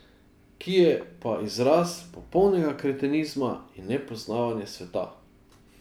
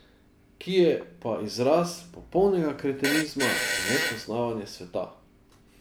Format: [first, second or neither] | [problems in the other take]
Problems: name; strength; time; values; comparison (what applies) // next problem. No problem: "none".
first | background sound (Fart); 3 dB below the speech